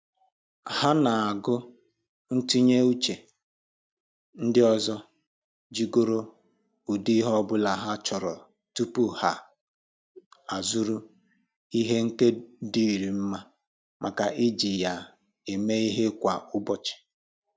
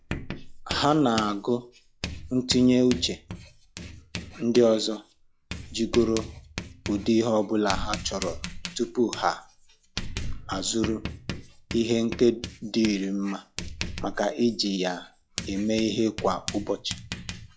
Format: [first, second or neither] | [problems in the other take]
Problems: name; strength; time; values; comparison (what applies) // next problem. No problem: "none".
first | noise reduction (classical method log-MMSE)